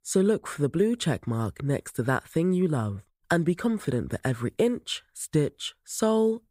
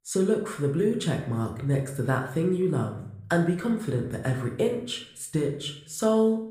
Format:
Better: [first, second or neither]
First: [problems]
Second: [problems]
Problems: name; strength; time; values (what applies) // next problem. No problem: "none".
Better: first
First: none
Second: room echo; slight; dies away in 0.5 s // off-mic speech; somewhat distant